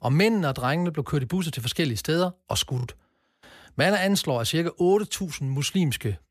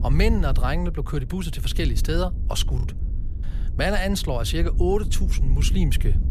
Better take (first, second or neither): first